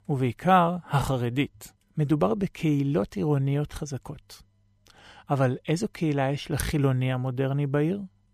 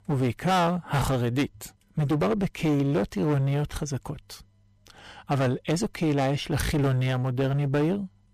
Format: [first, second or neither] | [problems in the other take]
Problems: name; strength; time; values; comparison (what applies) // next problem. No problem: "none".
first | distortion; heavy; 15% of the sound clipped